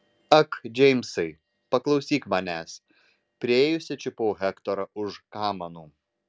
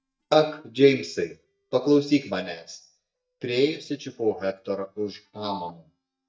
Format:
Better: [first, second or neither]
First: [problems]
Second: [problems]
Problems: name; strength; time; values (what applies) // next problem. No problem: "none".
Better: first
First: none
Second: noise reduction (neural mask model DeepFilterNet 3)